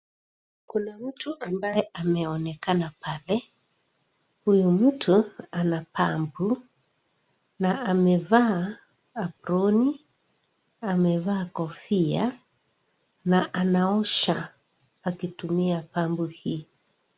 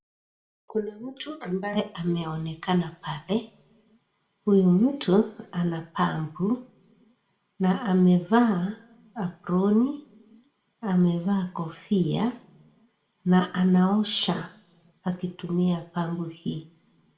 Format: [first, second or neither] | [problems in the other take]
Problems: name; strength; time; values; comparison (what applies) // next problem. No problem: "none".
first | room echo; dies away in 0.4 s